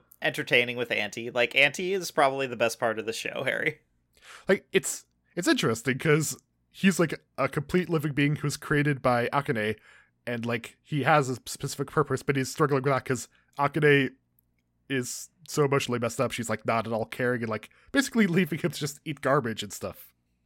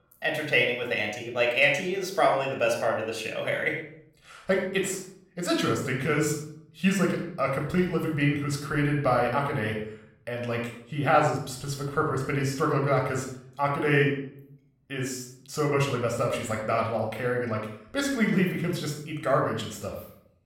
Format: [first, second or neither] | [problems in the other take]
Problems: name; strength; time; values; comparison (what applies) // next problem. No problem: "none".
first | off-mic speech; somewhat distant // room echo; noticeable; dies away in 0.6 s